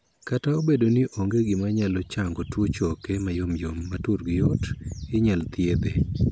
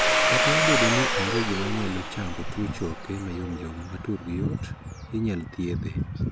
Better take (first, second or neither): first